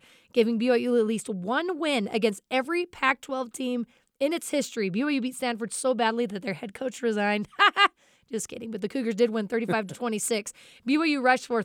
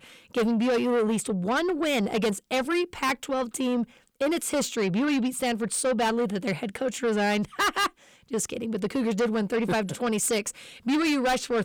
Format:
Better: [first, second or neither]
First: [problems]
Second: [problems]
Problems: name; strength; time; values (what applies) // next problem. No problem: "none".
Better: first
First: none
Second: distortion; heavy; 6 dB below the speech